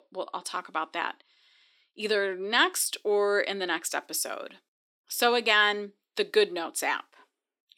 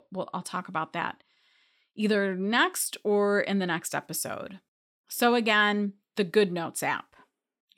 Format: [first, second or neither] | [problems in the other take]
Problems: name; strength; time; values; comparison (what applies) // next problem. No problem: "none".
second | thin; somewhat; fading below 300 Hz